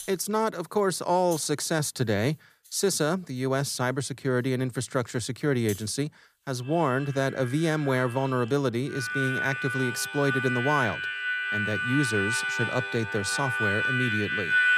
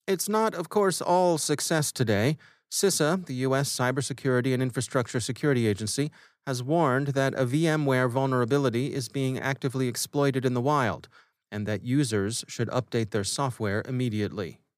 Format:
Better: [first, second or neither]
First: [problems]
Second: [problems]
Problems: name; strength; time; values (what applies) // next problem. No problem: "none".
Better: second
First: background music; loud; throughout; 1 dB below the speech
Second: none